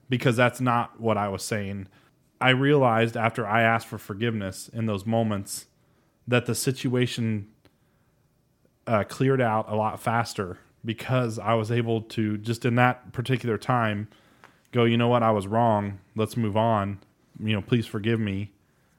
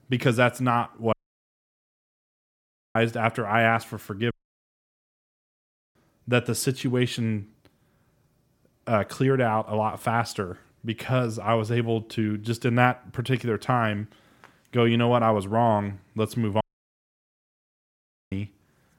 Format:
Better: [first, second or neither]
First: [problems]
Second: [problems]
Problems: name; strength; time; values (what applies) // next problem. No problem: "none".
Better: first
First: none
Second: audio cutting out; at 1 s for 2 s, at 4.5 s for 1.5 s and at 17 s for 1.5 s